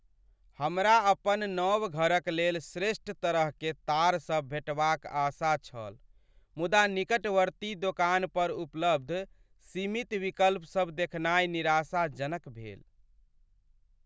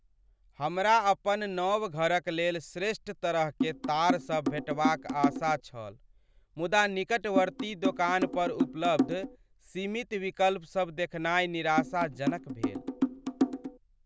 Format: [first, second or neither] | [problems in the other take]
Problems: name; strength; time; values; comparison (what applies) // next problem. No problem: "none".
first | background sound (Drum); 2 dB below the speech